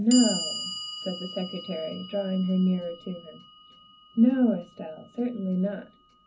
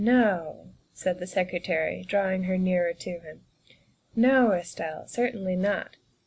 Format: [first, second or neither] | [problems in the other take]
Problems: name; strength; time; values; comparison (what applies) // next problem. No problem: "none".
second | background sound (Clock); 11 dB below the speech // room echo; dies away in 0.4 s